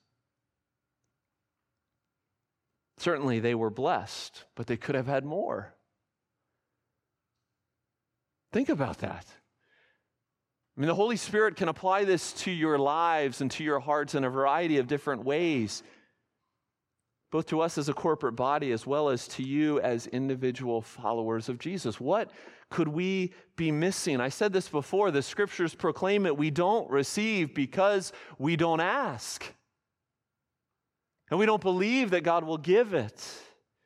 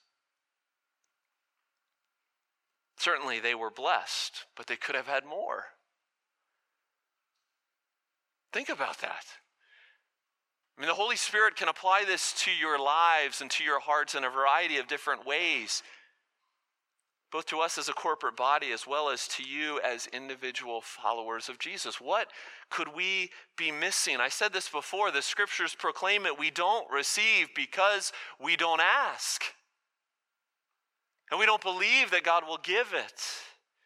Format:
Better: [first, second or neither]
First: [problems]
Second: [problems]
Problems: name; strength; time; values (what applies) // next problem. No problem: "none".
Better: first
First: none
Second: thin; very; fading below 950 Hz